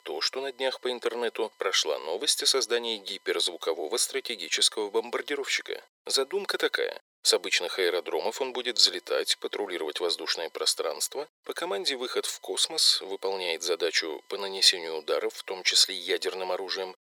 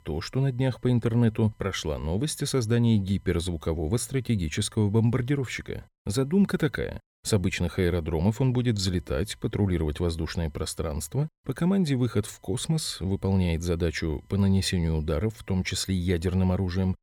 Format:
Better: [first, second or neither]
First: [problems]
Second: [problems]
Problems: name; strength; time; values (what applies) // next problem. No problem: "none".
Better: second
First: thin; very; fading below 400 Hz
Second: none